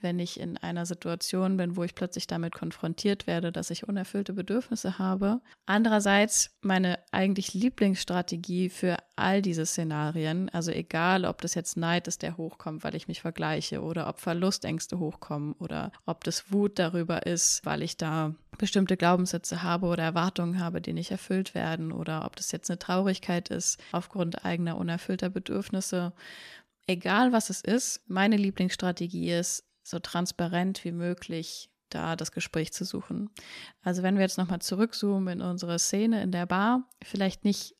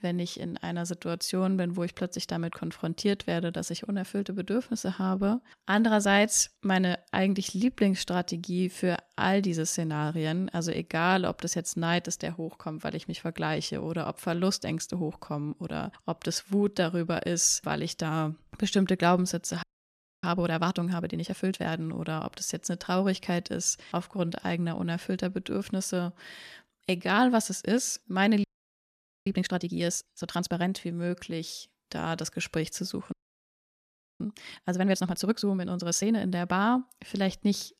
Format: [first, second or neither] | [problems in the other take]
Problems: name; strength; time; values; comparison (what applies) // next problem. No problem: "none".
first | audio freezing; at 20 s for 0.5 s, at 28 s for 1 s and at 33 s for 1 s